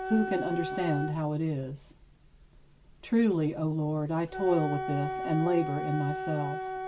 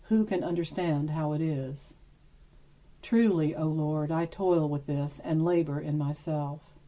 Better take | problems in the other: second | background sound (Wind instrument, woodwind instrument); 7 dB below the speech

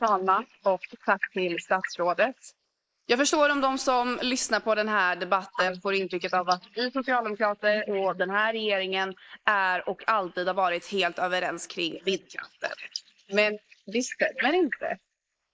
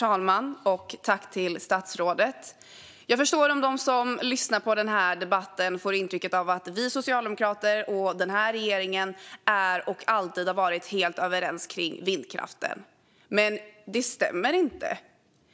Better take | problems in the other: second | noise reduction (neural mask model Resemble Enhance denoiser)

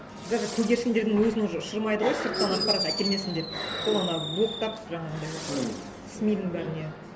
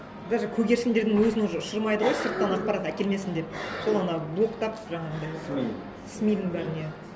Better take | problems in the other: second | background sound (Fireworks); 9 dB below the speech

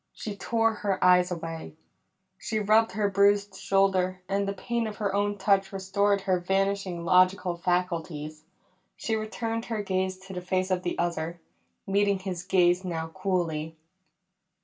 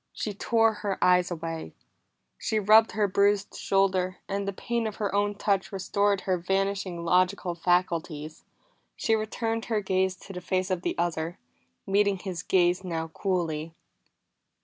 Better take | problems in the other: second | room echo; dies away in 0.2 s

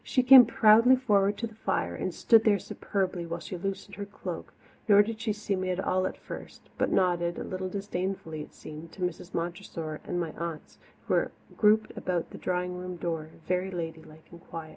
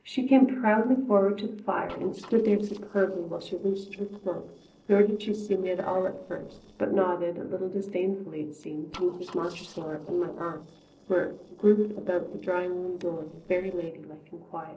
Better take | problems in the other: first | noise reduction (neural separator model SepFormer DNS4)

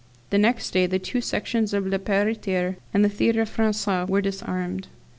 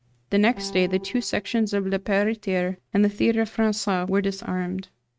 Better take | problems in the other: first | noise reduction (neural mask model RNNoise)

